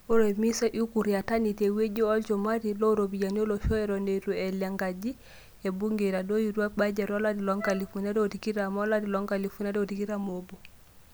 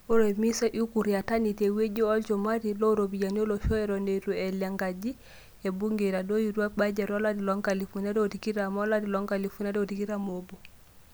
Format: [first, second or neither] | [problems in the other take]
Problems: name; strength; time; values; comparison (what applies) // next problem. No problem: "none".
second | background sound (Wind instrument, woodwind instrument); 14 dB below the speech